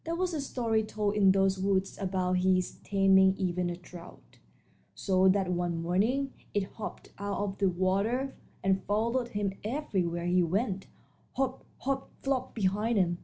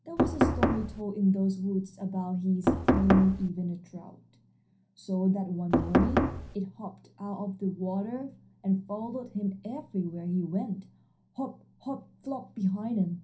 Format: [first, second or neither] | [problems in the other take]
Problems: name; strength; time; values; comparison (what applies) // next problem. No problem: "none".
first | background sound (Knock); 5 dB above the speech // room echo; dies away in 0.3 s